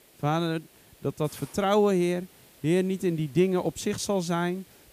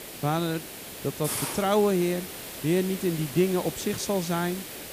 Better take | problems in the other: first | hiss; loud; throughout; 8 dB below the speech; faint in the first

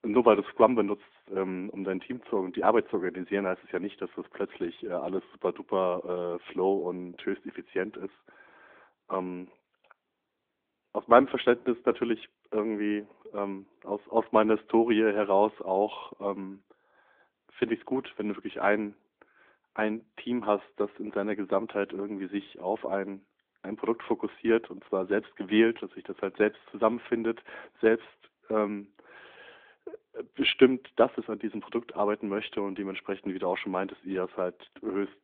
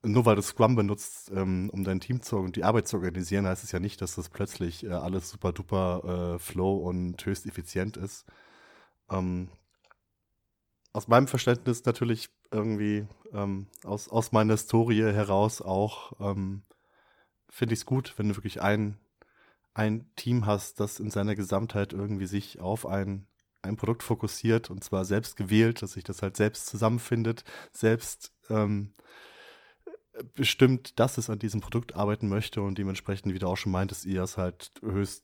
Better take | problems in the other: second | phone-call audio; nothing above 3.5 kHz

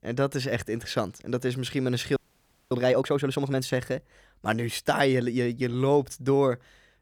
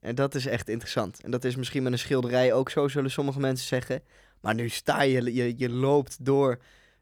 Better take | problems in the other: second | audio freezing; at 2 s for 0.5 s

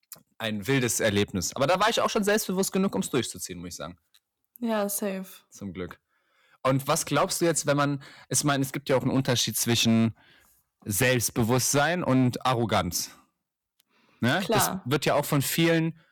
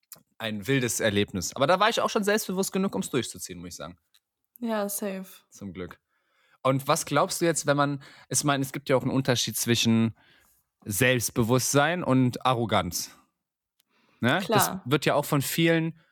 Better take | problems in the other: second | distortion; slight; 4% of the sound clipped

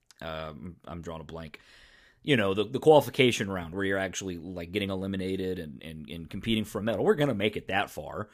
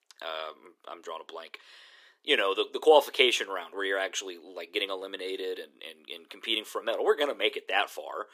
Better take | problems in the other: first | thin; very; fading below 350 Hz

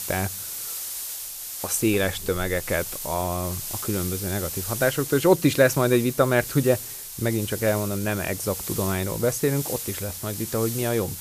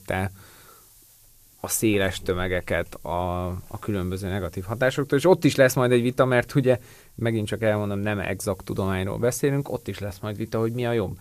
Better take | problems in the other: second | hiss; loud; throughout; 6 dB below the speech; faint in the second

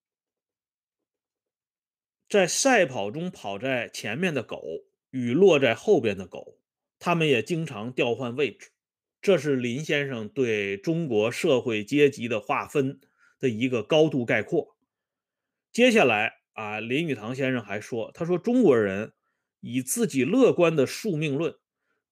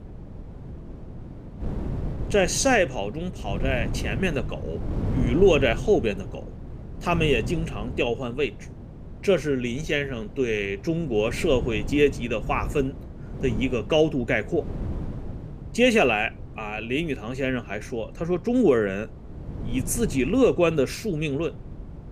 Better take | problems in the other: first | wind noise on the microphone; occasional gusts; 20 dB below the speech

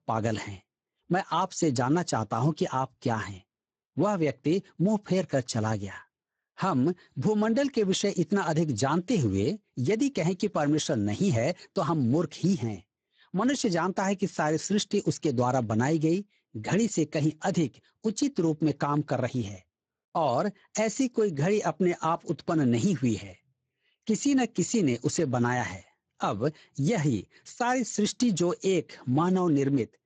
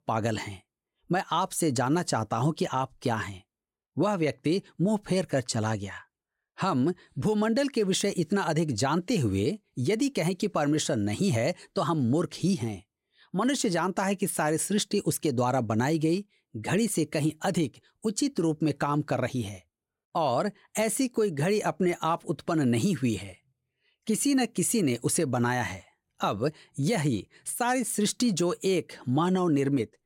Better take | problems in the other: second | garbled, watery; badly; nothing above 7.5 kHz

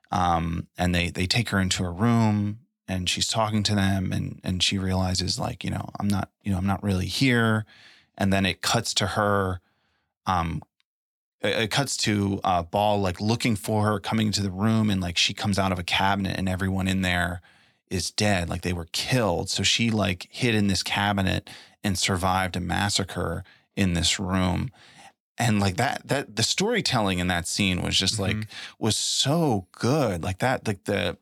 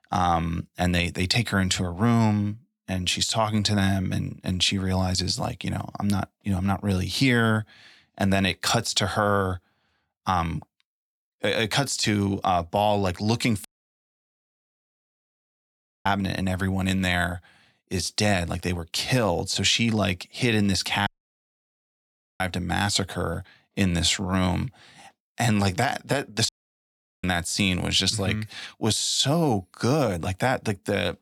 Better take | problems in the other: first | audio cutting out; at 14 s for 2.5 s, at 21 s for 1.5 s and at 26 s for 0.5 s

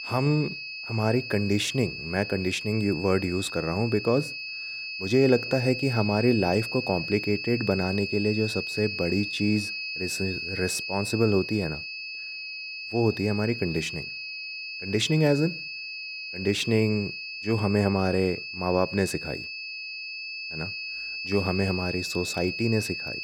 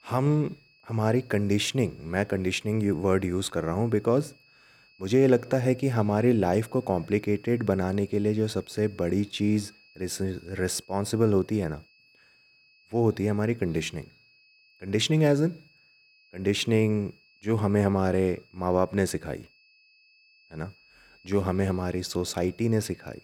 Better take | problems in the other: second | high-pitched whine; loud; throughout; 2.5 kHz, 6 dB below the speech; faint in the second

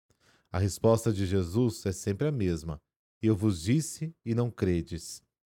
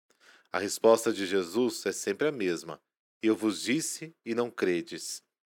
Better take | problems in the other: first | thin; somewhat; fading below 300 Hz

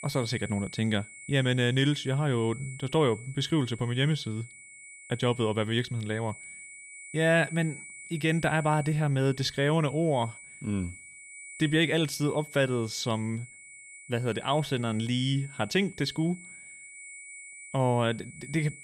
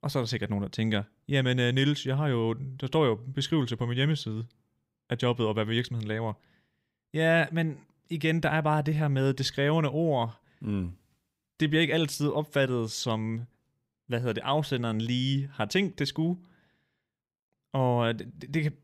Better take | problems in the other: second | high-pitched whine; noticeable; throughout; 2 kHz, 15 dB below the speech

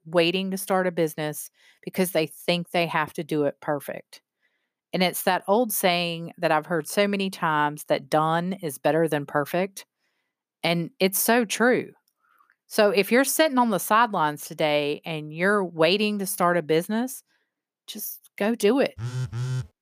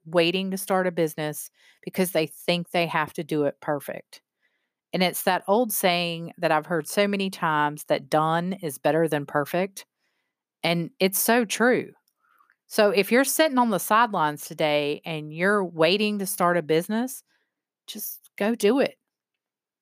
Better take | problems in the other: second | phone ringing; noticeable; at 19 s; peak 5 dB below the speech

